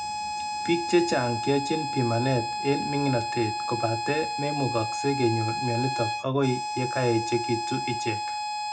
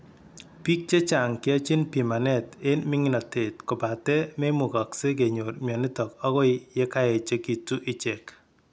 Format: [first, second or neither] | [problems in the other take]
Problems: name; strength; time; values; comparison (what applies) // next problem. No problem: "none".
second | background sound (Harmonica); 3 dB below the speech // room echo; dies away in 0.2 s